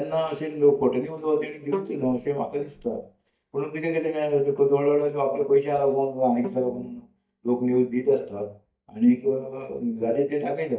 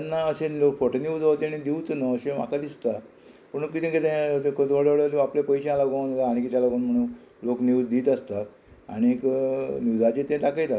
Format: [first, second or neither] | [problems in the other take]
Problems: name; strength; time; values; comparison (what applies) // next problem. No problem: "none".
second | noise reduction (neural mask model DeepFilterNet 3)